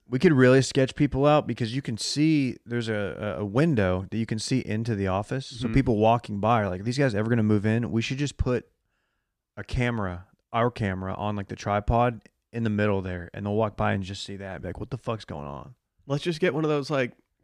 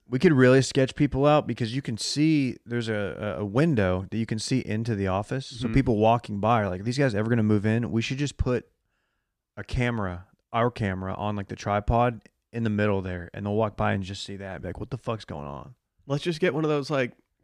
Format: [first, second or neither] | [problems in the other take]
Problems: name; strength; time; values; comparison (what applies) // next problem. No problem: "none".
neither | none